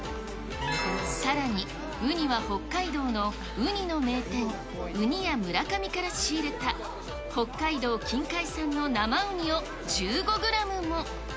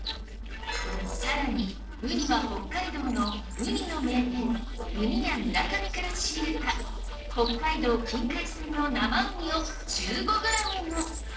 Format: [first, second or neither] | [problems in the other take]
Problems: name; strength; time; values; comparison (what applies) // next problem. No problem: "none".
first | noise reduction (neural separator model SepFormer DNS4)